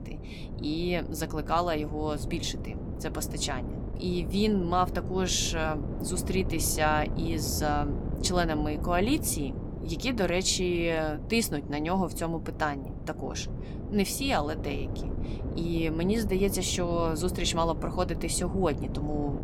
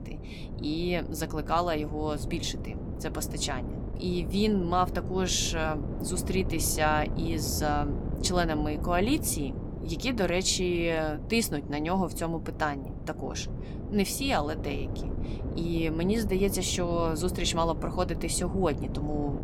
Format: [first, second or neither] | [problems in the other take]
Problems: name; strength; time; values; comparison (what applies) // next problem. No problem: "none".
neither | wind noise on the microphone; occasional gusts; 10 dB below the speech; the same in both